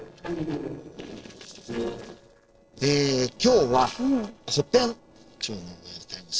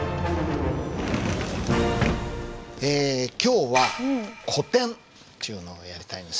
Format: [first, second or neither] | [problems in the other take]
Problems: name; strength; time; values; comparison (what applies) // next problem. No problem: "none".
second | noise reduction (neural separator model SepFormer DNS4)